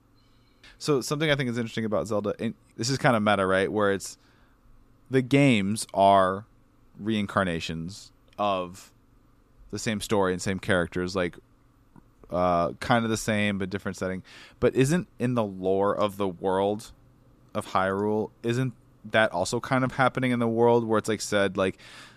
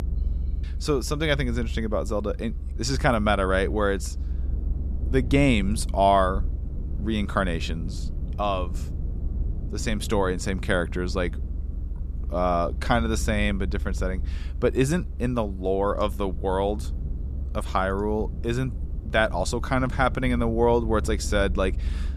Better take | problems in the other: first | low rumble; faint; throughout; 20 dB below the speech

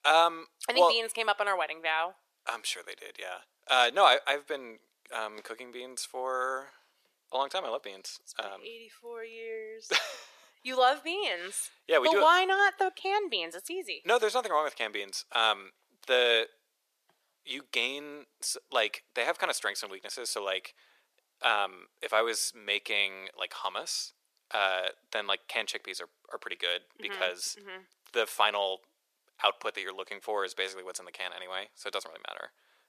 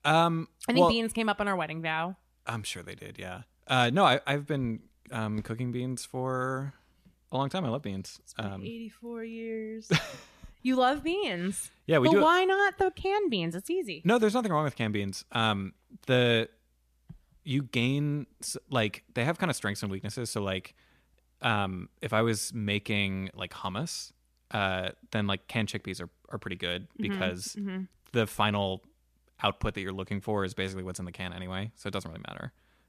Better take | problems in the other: second | thin; very; fading below 450 Hz

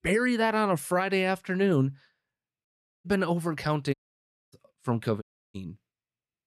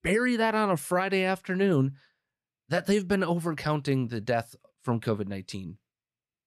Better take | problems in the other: second | audio cutting out; at 2.5 s, at 4 s for 0.5 s and at 5 s

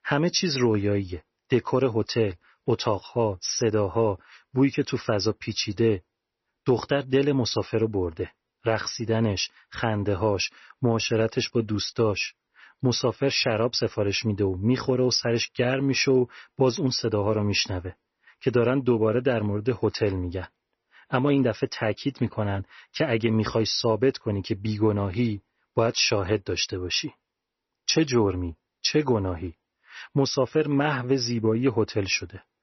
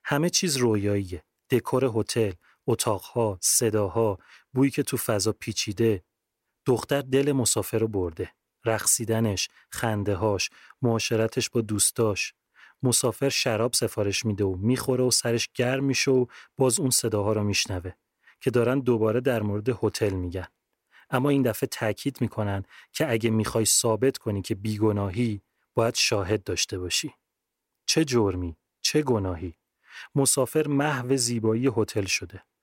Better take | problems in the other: second | garbled, watery; slightly; nothing above 6 kHz

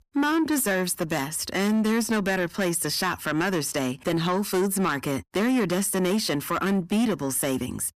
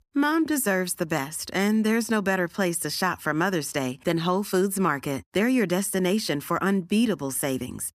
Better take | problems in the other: second | distortion; slight; 10 dB below the speech

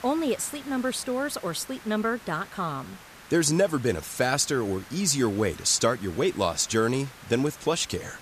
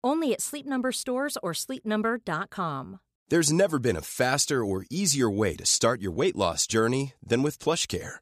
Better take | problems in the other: second | hiss; noticeable; throughout; 20 dB below the speech

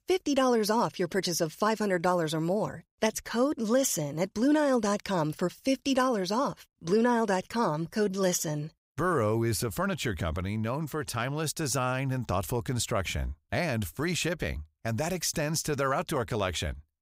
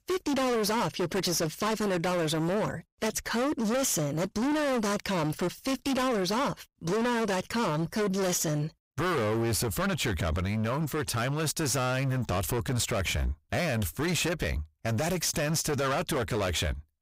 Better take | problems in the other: first | distortion; heavy; 30% of the sound clipped

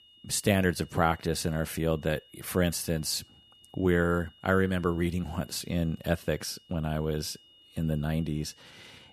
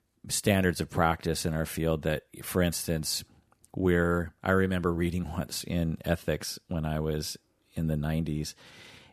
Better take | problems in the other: second | high-pitched whine; faint; throughout; 3 kHz, 25 dB below the speech

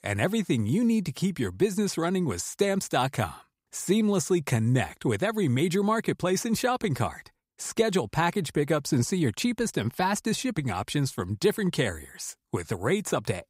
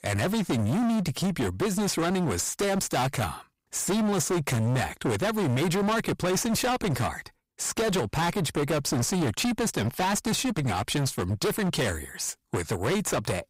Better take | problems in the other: first | distortion; heavy; 32% of the sound clipped

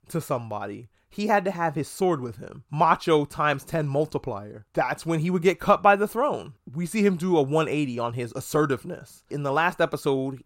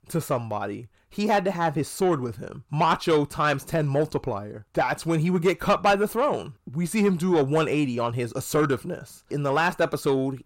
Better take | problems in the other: first | distortion; slight; 10 dB below the speech

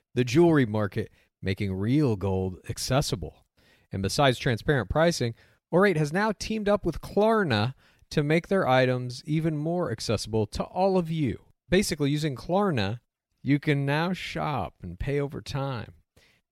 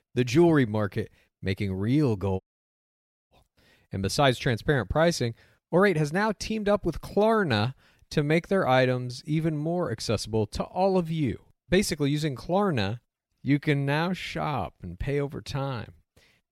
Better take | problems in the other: first | audio cutting out; at 2.5 s for 1 s

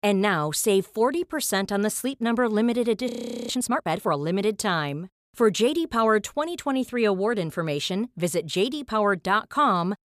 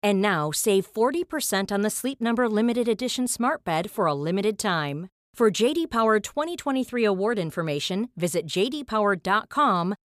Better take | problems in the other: second | audio freezing; at 3 s

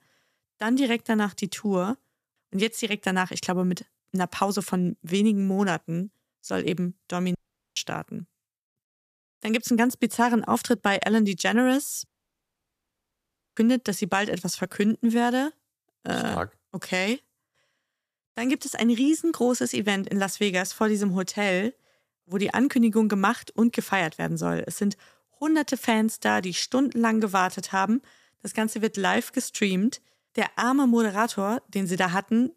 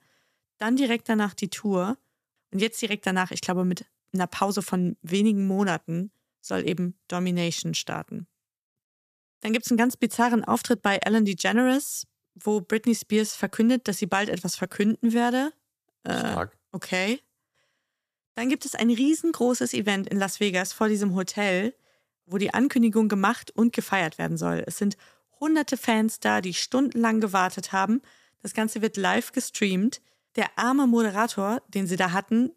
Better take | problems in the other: second | audio cutting out; at 7.5 s and at 12 s for 1.5 s

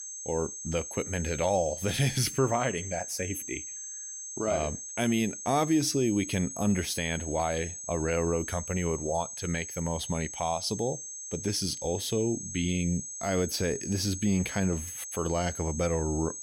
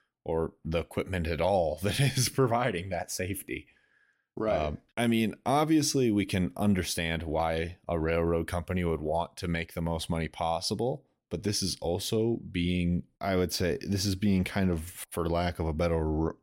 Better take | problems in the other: second | high-pitched whine; loud; throughout; 6.5 kHz, 7 dB below the speech

